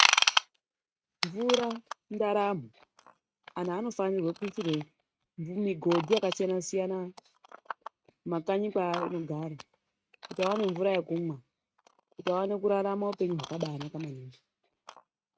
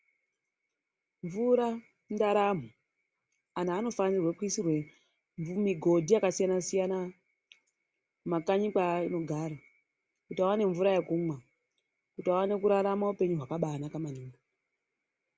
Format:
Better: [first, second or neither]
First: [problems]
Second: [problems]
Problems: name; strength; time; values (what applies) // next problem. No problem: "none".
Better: second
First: noise reduction (neural mask model RNNoise)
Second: none